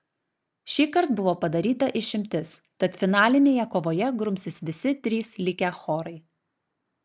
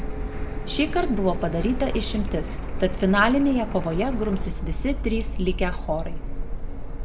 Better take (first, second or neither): first